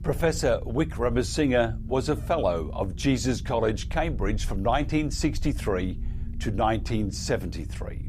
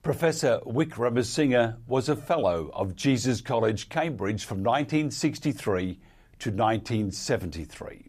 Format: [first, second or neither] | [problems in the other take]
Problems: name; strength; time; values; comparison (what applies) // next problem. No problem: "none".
second | low rumble; faint; throughout; 25 dB below the speech